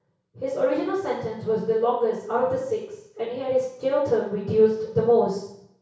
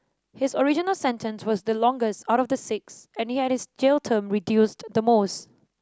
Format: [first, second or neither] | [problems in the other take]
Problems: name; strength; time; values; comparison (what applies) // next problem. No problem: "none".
second | room echo; dies away in 0.6 s